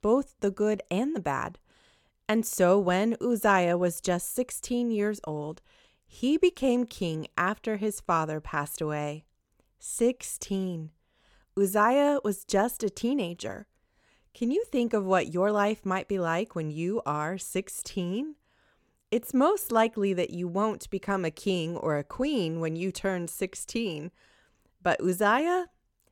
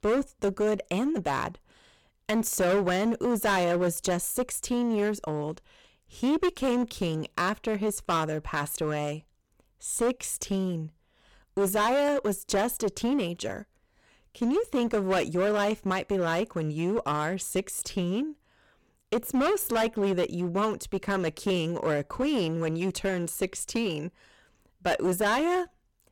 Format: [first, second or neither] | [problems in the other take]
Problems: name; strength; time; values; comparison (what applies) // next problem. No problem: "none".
first | distortion; heavy; 11% of the sound clipped